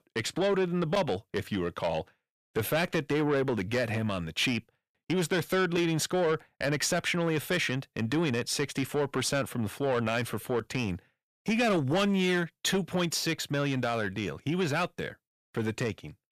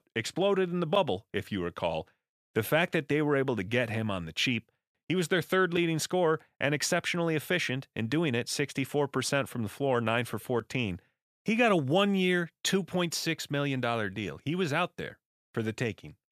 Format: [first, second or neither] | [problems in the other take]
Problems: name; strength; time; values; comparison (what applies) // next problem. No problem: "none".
second | distortion; slight; 10 dB below the speech